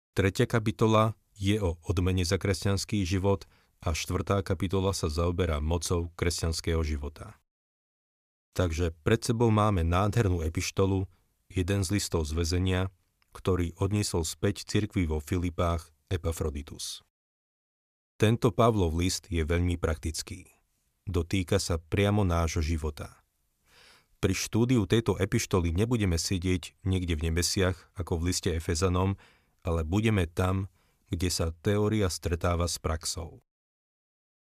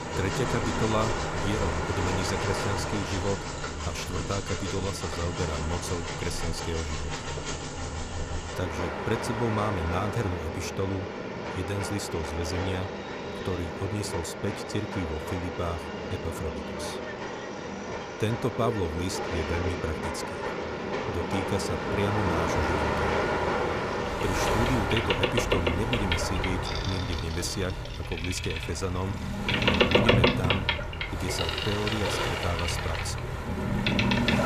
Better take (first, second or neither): first